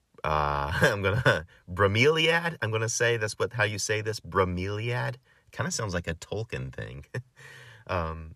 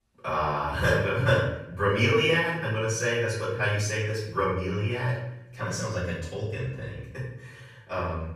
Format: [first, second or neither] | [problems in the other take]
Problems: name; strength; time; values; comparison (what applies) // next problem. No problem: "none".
first | off-mic speech; far // room echo; noticeable; dies away in 0.8 s